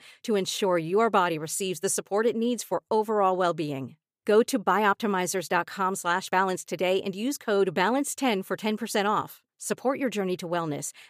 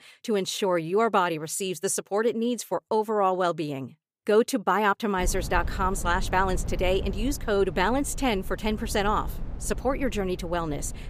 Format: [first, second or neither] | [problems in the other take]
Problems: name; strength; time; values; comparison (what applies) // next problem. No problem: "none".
first | low rumble; faint; from 5 s on; 20 dB below the speech